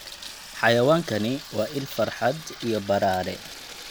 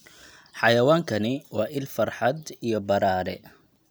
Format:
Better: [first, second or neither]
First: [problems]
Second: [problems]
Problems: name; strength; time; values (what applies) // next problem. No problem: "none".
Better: second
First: background sound (Sink (filling or washing) / Water tap, faucet); 15 dB below the speech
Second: none